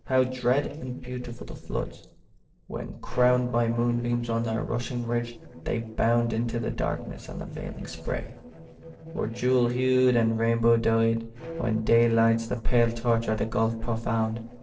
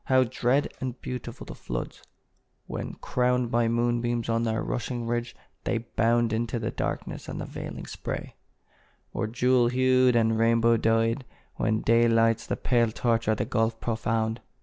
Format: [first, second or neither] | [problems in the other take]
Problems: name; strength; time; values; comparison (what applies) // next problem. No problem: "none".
second | noise reduction (neural separator model SepFormer DNS4)